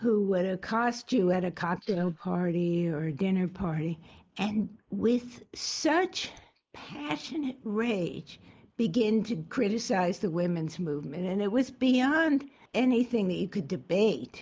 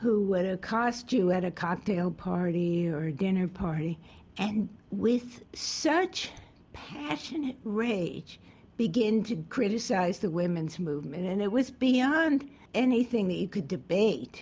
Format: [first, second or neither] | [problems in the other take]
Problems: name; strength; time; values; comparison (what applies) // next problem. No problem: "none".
second | noise reduction (neural mask model Resemble Enhance denoiser)